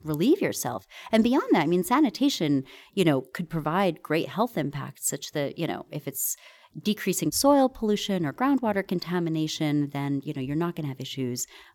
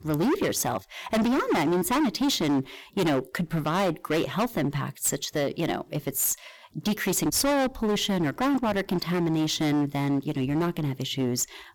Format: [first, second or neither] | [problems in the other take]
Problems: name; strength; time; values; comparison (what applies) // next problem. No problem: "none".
first | distortion; heavy; 18% of the sound clipped